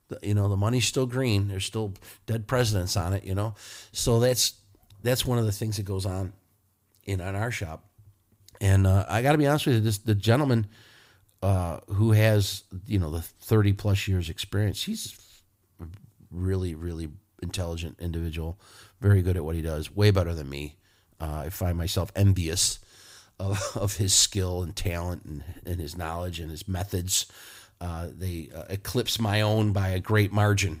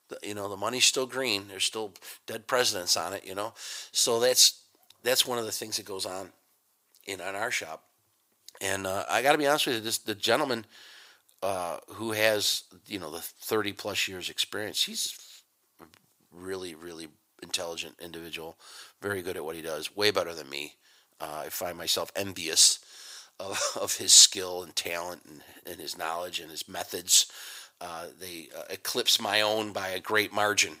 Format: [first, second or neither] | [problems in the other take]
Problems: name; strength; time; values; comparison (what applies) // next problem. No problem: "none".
first | thin; very; fading below 500 Hz